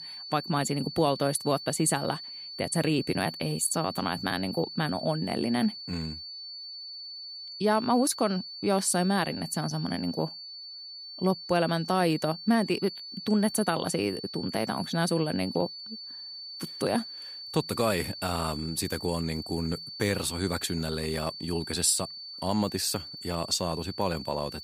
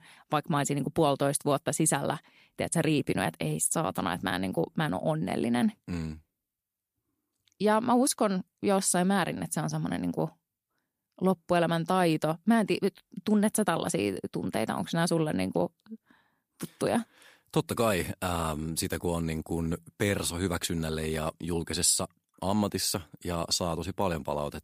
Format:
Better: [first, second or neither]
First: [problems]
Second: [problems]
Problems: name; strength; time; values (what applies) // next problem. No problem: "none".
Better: second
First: high-pitched whine; loud; throughout; 4.5 kHz, 10 dB below the speech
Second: none